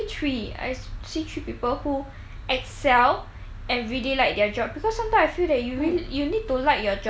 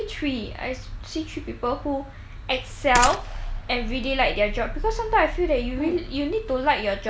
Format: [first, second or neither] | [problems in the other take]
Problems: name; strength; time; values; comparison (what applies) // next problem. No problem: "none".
first | background sound (Growling + Gunshot, gunfire); 6 dB below the speech